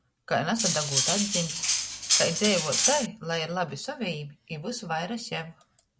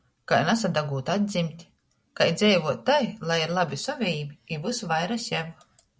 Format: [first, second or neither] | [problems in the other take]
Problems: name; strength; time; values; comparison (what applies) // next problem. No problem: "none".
second | background sound (Cutlery, silverware); 4 dB above the speech